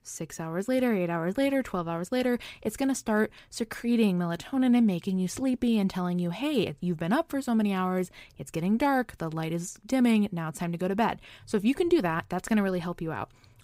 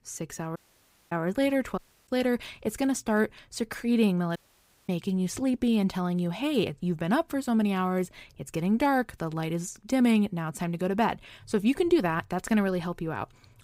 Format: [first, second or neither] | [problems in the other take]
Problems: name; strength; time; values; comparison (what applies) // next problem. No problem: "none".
first | audio cutting out; at 0.5 s for 0.5 s, at 2 s and at 4.5 s for 0.5 s